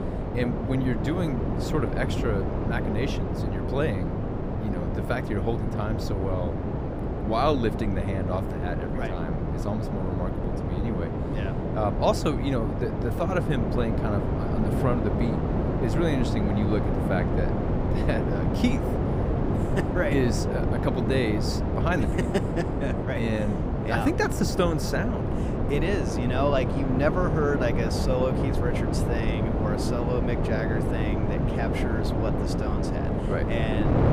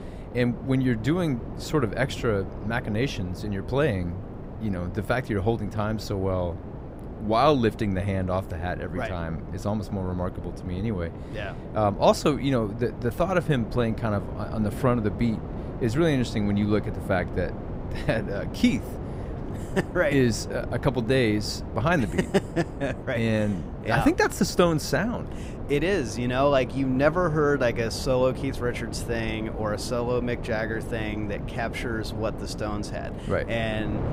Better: second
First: wind noise on the microphone; heavy; 2 dB below the speech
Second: wind noise on the microphone; occasional gusts; 15 dB below the speech

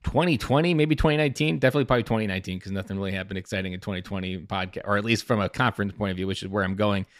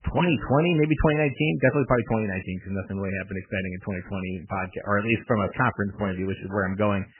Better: first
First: none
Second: garbled, watery; badly; nothing above 3 kHz

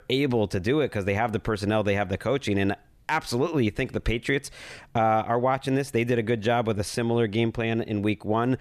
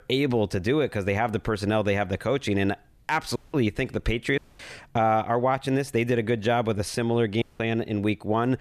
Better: first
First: none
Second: audio cutting out; at 3.5 s, at 4.5 s and at 7.5 s

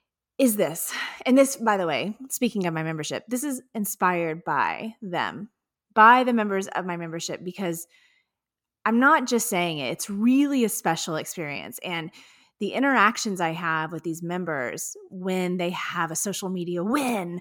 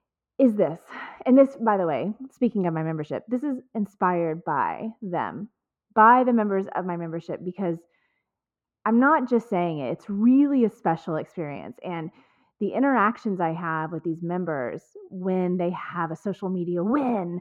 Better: first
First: none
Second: muffled; very; fading above 3 kHz

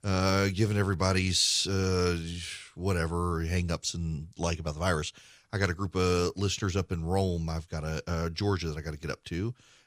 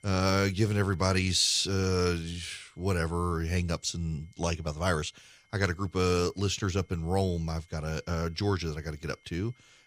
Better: first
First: none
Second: high-pitched whine; faint; throughout; 2 kHz, 35 dB below the speech

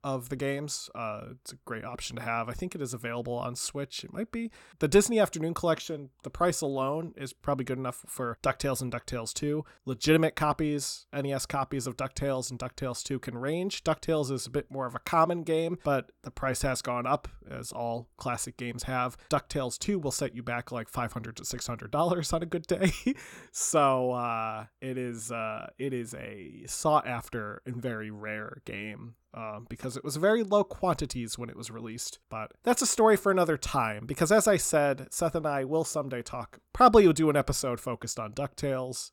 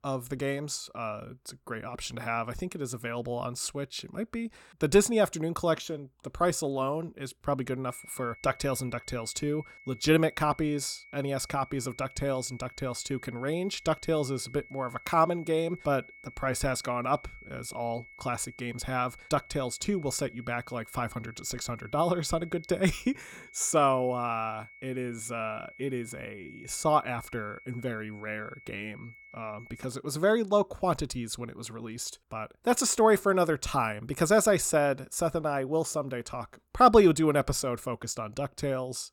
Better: first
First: none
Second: high-pitched whine; faint; from 8 to 30 s; 2 kHz, 20 dB below the speech

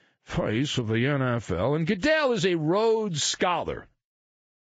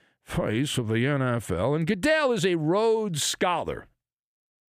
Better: second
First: garbled, watery; badly; nothing above 7.5 kHz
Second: none

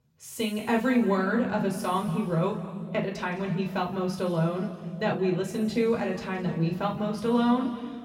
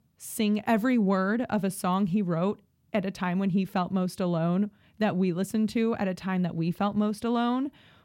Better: second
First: room echo; noticeable; dies away in 2.1 s // off-mic speech; far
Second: none

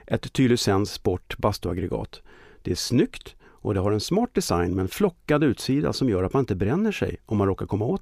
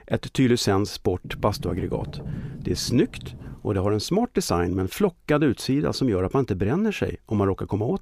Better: first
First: none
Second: door banging; noticeable; from 1 to 3.5 s; peak 9 dB below the speech

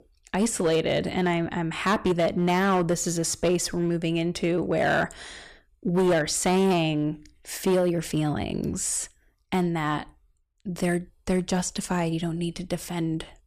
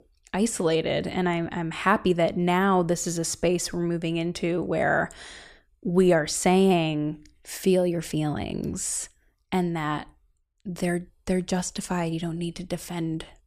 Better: second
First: distortion; slight; 6% of the sound clipped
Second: none

